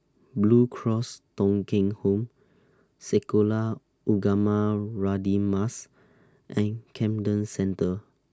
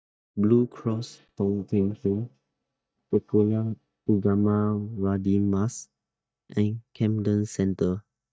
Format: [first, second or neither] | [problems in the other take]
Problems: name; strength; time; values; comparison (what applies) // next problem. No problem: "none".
first | noise reduction (neural mask model DeepFilterNet 3)